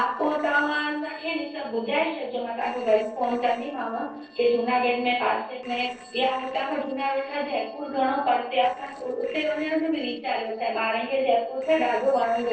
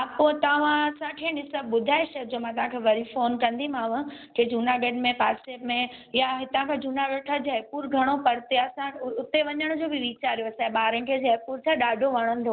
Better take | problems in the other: second | noise reduction (neural separator model SepFormer DNS4)

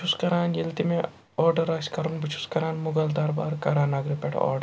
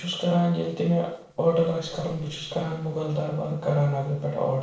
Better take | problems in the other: first | noise reduction (neural separator model SepFormer DNS4)

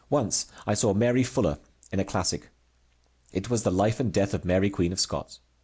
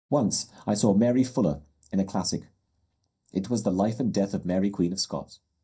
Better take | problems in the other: first | noise reduction (neural mask model DeepFilterNet 3)

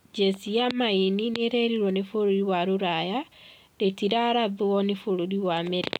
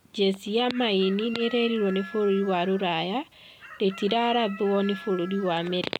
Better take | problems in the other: first | background sound (Chicken, rooster); 17 dB below the speech

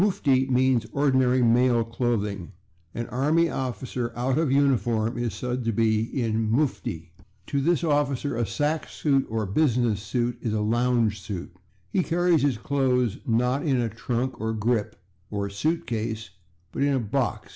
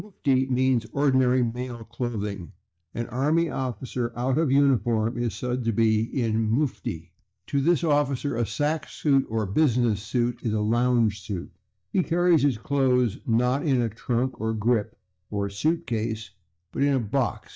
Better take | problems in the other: first | noise reduction (neural mask model DeepFilterNet 3)

